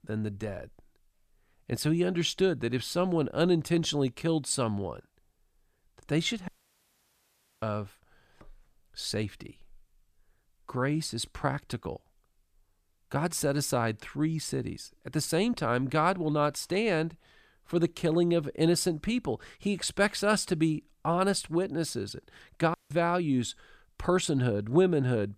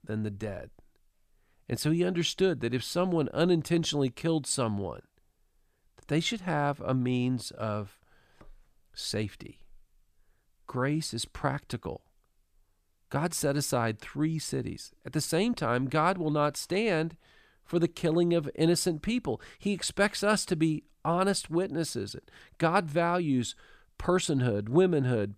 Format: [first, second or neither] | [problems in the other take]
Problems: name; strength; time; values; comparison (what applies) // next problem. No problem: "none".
second | audio cutting out; at 6.5 s for 1 s and at 23 s